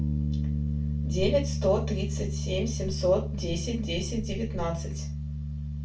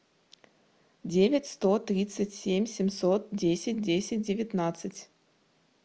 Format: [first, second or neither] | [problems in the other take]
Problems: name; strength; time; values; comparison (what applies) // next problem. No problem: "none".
second | background sound (Bass guitar); 1 dB above the speech // room echo; dies away in 0.2 s